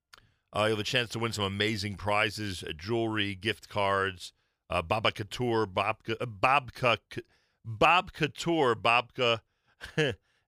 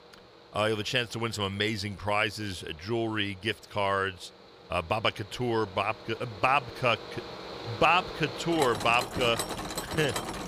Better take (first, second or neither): first